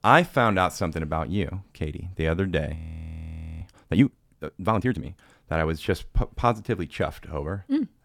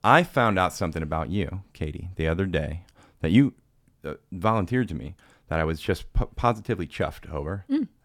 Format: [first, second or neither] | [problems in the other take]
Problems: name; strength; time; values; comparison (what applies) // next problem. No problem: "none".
second | audio freezing; at 3 s for 1 s